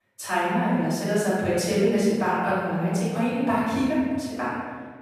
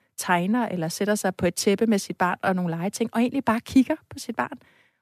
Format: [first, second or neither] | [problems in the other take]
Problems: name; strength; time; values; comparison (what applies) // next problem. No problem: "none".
second | off-mic speech; far // room echo; strong; dies away in 1.5 s